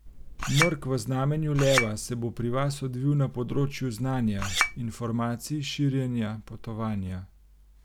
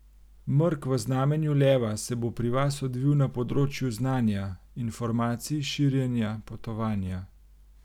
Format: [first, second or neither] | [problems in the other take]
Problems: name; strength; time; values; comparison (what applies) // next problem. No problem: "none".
second | background sound (Chink, clink); 3 dB below the speech